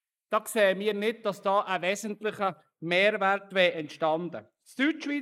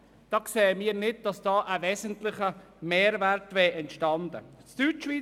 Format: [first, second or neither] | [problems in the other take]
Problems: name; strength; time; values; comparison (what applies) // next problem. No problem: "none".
second | noise reduction (neural mask model Resemble Enhance denoiser)